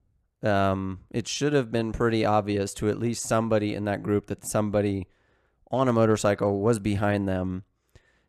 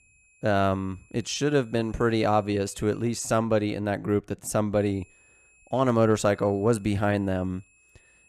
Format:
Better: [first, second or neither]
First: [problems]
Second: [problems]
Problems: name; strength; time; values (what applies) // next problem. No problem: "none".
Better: first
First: none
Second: high-pitched whine; faint; until 3.5 s and from 5 s on; 2.5 kHz, 30 dB below the speech